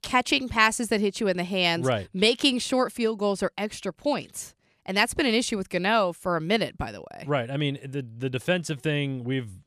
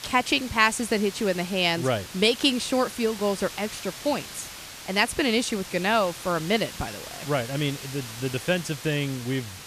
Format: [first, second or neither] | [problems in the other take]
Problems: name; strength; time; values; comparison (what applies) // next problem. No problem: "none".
first | hiss; noticeable; throughout; 10 dB below the speech